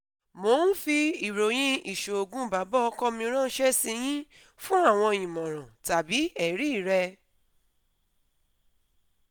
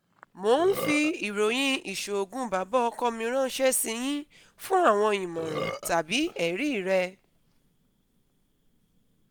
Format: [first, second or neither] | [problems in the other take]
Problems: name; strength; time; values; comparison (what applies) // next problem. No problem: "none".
first | background sound (Burping, eructation); 15 dB below the speech